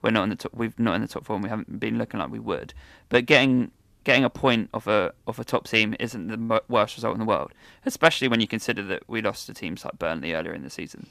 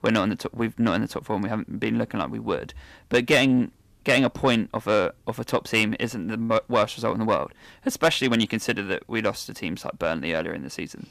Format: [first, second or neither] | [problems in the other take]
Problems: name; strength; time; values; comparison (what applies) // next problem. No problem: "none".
first | distortion; slight; 10 dB below the speech